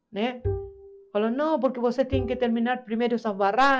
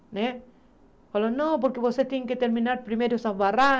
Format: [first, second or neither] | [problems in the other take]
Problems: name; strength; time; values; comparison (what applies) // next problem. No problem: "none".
second | noise reduction (classical method log-MMSE)